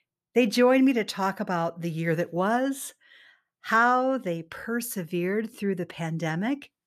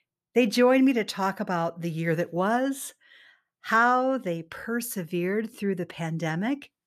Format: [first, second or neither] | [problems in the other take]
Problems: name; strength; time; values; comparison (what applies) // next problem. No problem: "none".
neither | none